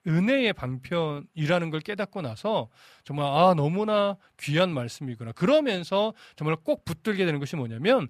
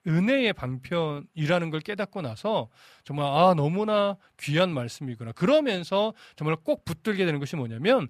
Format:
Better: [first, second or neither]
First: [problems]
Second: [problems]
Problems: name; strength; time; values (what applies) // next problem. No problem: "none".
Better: neither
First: none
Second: none